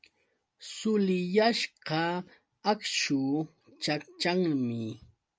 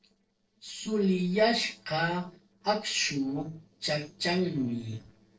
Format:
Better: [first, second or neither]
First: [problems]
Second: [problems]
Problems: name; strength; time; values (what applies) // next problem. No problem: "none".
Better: first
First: none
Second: noise reduction (neural separator model SepFormer DNS4)